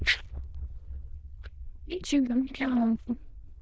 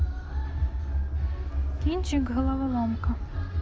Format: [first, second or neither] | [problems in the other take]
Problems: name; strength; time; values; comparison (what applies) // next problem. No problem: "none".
second | noise reduction (neural diffusion model UNIVERSE++)